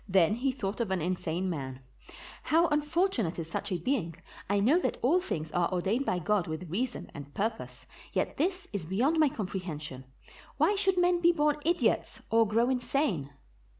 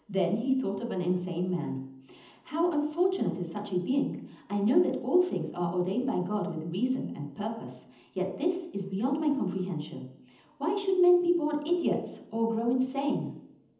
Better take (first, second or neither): first